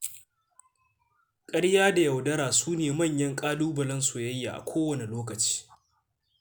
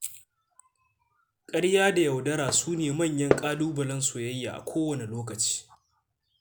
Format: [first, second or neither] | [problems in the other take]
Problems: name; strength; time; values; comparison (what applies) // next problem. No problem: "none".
first | background sound (Fireworks); 7 dB below the speech